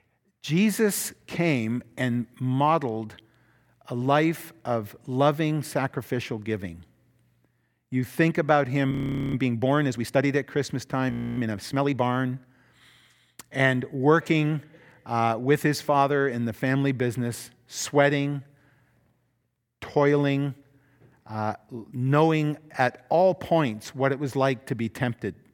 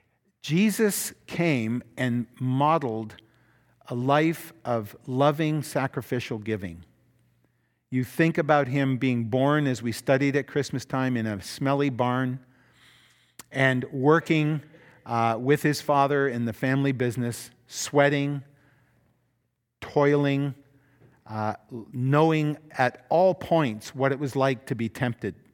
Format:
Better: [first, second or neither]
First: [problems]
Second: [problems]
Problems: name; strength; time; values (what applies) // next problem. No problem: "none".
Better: second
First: audio freezing; at 9 s and at 11 s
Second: none